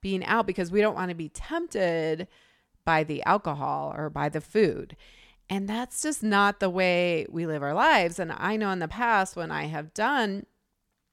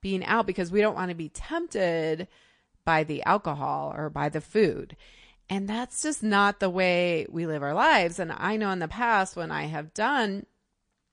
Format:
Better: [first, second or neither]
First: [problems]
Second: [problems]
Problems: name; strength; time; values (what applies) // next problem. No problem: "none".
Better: first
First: none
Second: garbled, watery; slightly; nothing above 8.5 kHz